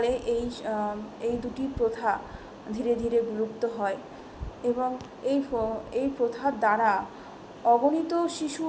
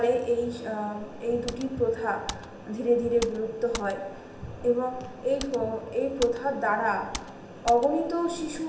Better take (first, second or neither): first